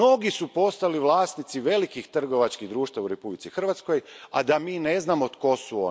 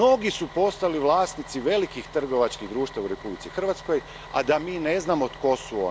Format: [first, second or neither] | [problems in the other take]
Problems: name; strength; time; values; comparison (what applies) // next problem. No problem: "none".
first | background sound (Bus); 17 dB below the speech